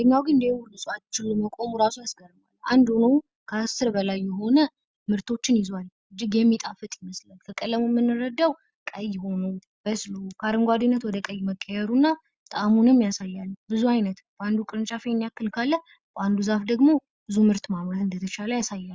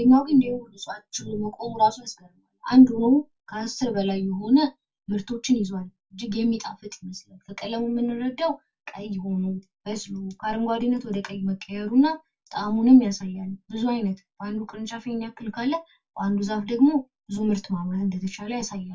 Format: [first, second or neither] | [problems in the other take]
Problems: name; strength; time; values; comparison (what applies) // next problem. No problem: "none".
first | room echo; dies away in 0.1 s